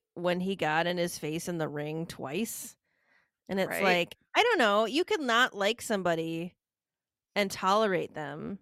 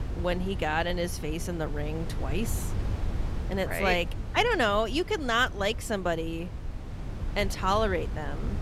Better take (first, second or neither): first